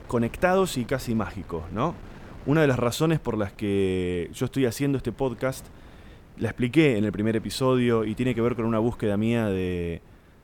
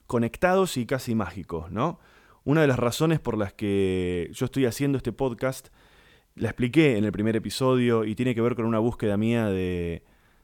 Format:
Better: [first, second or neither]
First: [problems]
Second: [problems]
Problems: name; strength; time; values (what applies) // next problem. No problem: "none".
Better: second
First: wind noise on the microphone; occasional gusts; 25 dB below the speech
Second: none